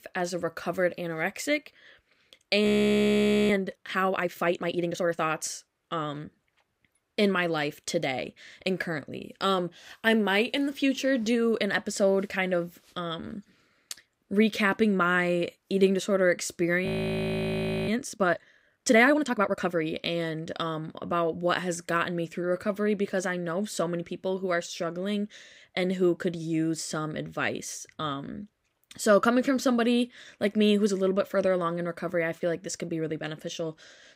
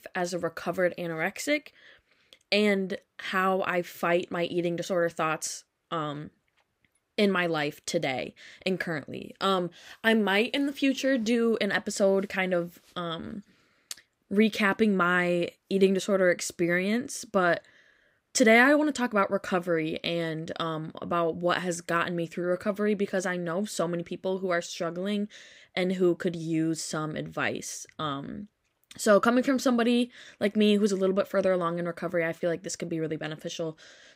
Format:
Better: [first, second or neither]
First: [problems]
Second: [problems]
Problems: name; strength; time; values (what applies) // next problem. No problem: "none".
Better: second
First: audio freezing; at 2.5 s for 1 s and at 17 s for 1 s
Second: none